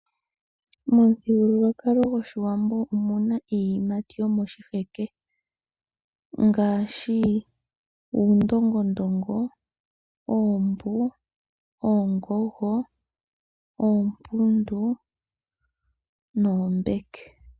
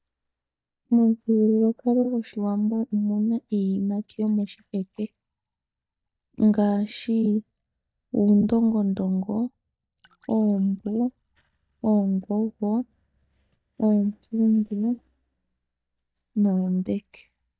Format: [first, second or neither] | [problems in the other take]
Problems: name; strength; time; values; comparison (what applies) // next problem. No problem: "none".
first | noise reduction (neural mask model DeepFilterNet 3)